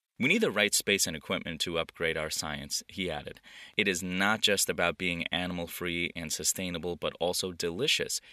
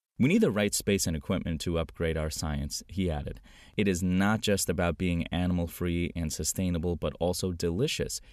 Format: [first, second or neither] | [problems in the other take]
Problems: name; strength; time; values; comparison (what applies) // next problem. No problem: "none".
second | thin; somewhat; fading below 1 kHz